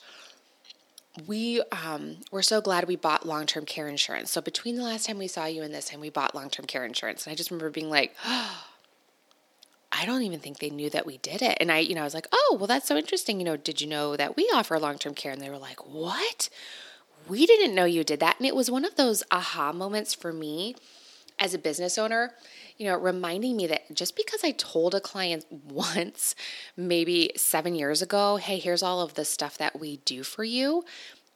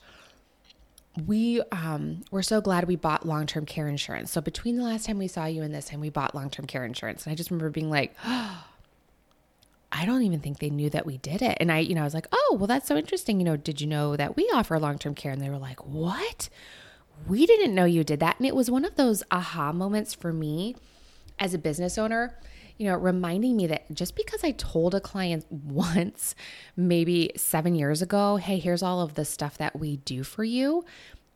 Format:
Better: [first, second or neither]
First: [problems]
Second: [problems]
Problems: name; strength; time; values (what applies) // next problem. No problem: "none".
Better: second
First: thin; somewhat; fading below 300 Hz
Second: none